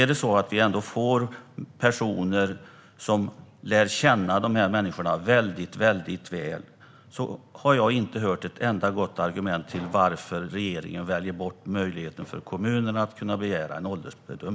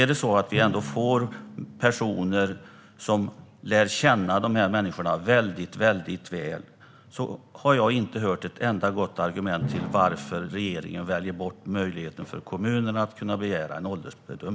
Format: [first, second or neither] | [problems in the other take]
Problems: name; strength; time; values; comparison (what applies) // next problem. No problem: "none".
first | background sound (Drum); 16 dB below the speech